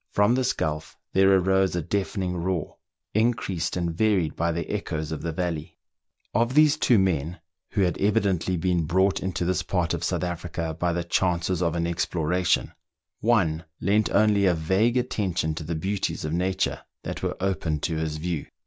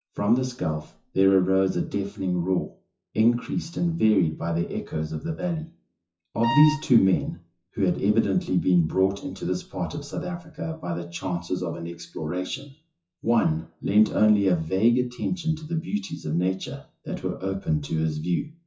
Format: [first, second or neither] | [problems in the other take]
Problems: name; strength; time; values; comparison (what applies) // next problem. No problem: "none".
first | noise reduction (classical method WPE with log-MMSE)